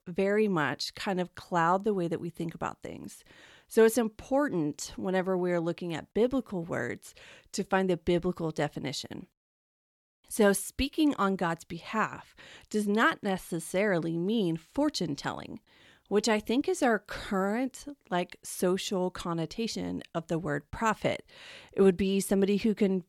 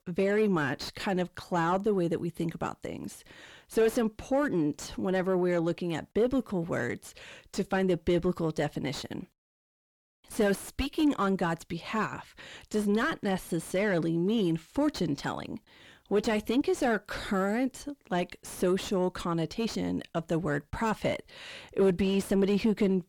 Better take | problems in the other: first | distortion; slight; 9 dB below the speech

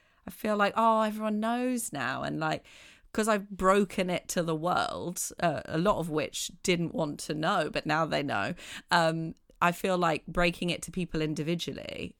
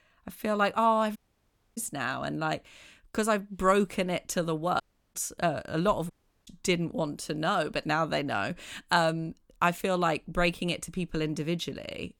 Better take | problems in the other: first | audio cutting out; at 1 s for 0.5 s, at 5 s and at 6 s

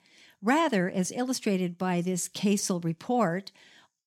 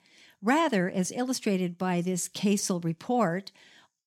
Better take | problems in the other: neither | none

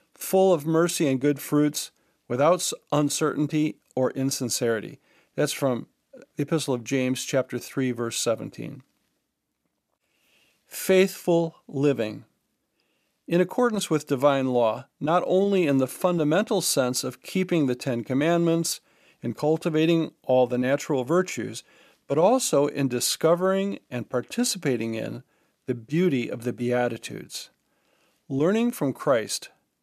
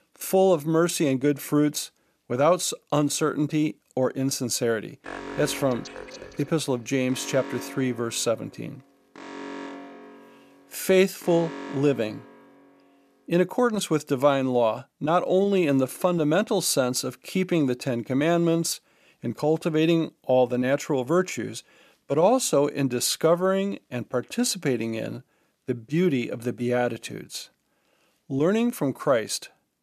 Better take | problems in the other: first | alarm; faint; from 5 to 12 s; peak 10 dB below the speech

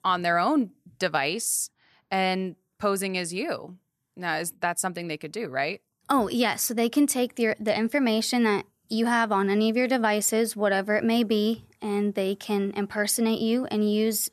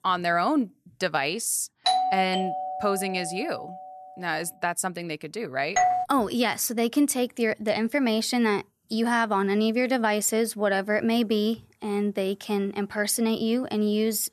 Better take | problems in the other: first | doorbell; loud; from 2 to 3.5 s and at 6 s; peak 3 dB above the speech

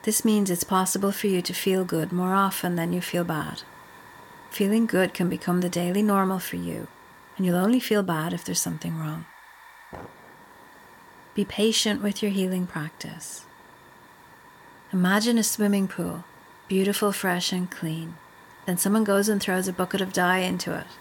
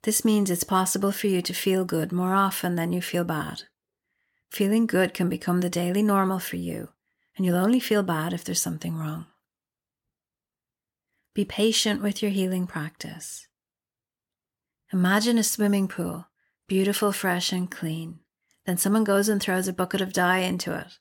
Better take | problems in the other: second | hiss; faint; throughout; 25 dB below the speech

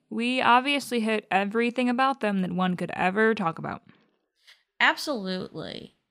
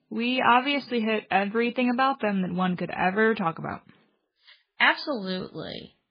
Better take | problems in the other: first | garbled, watery; badly; nothing above 4 kHz

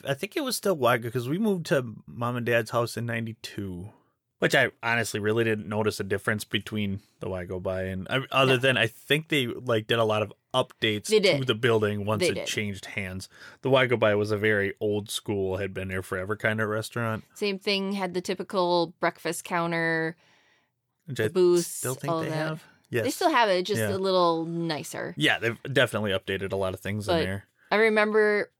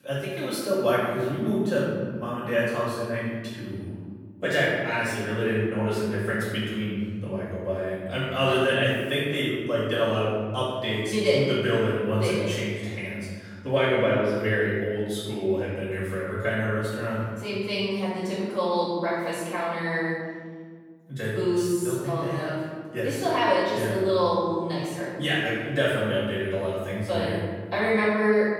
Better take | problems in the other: first | room echo; strong; dies away in 1.7 s // off-mic speech; far

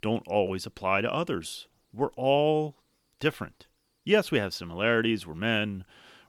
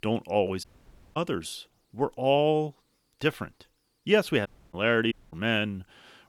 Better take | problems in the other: first | audio cutting out; at 0.5 s for 0.5 s, at 4.5 s and at 5 s

